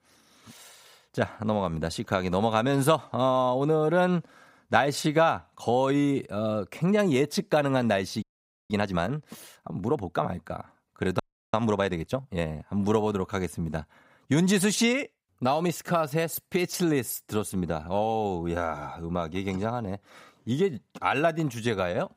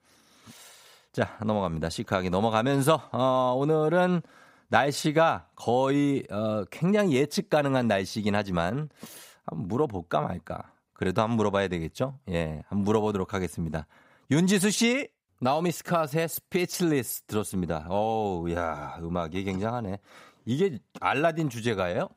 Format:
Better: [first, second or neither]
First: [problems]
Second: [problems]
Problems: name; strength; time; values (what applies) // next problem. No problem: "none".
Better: second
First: audio freezing; at 8 s and at 11 s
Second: none